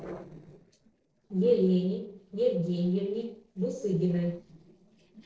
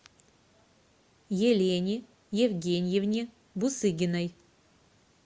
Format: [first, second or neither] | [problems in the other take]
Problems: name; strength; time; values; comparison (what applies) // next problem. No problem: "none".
second | noise reduction (neural separator model SepFormer DNS4)